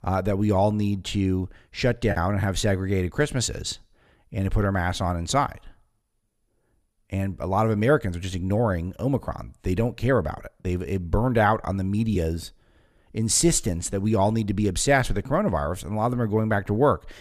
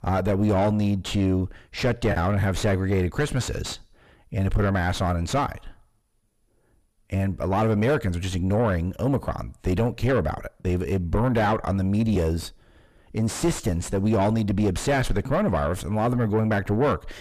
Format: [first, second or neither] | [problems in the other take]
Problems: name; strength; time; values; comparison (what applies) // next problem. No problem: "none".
first | distortion; heavy; 7 dB below the speech